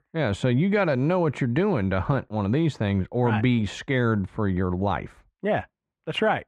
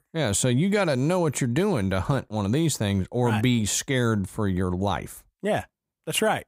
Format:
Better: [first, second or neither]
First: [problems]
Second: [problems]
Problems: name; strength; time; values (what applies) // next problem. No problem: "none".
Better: second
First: muffled; very; fading above 2 kHz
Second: none